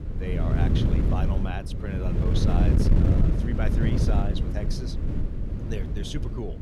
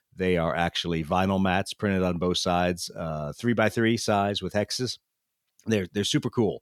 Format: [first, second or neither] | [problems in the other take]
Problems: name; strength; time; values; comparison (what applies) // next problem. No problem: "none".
second | wind noise on the microphone; heavy; 1 dB above the speech